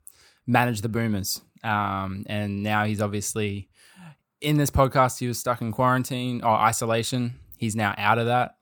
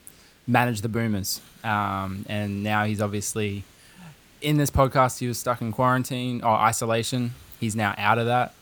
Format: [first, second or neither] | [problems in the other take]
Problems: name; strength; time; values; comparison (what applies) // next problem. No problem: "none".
first | hiss; faint; throughout; 30 dB below the speech